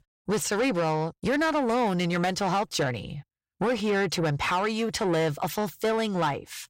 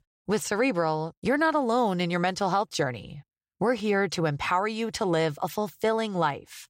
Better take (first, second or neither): second